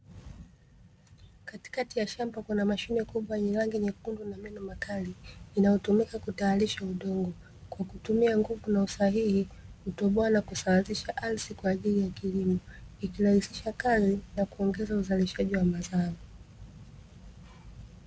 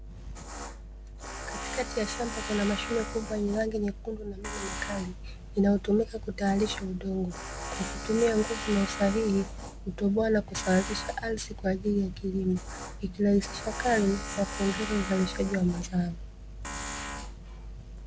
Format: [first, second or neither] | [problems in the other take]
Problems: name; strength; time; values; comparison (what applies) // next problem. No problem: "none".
first | background sound (Tools); 9 dB below the speech